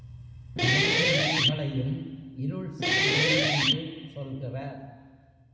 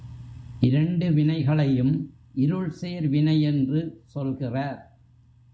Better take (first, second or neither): second